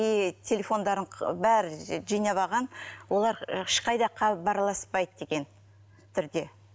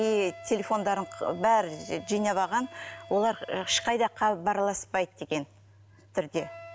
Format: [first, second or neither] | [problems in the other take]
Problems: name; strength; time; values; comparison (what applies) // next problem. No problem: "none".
first | background sound (Wind instrument, woodwind instrument); 19 dB below the speech